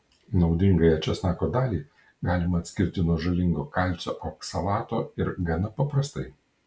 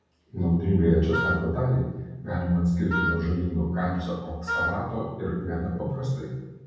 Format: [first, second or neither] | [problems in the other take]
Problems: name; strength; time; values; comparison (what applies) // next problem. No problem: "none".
first | background sound (Wind instrument, woodwind instrument); 4 dB below the speech // room echo; dies away in 1.1 s